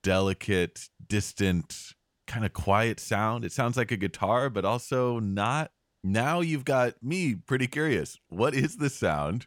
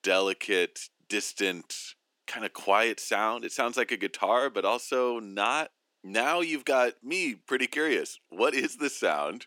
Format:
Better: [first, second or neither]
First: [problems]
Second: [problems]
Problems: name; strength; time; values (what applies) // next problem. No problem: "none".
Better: first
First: none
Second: thin; somewhat; fading below 300 Hz